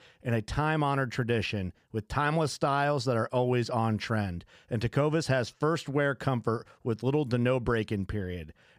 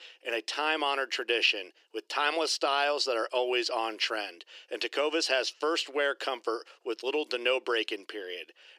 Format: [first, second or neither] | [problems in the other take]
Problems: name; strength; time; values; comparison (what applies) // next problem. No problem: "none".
first | thin; very; fading below 350 Hz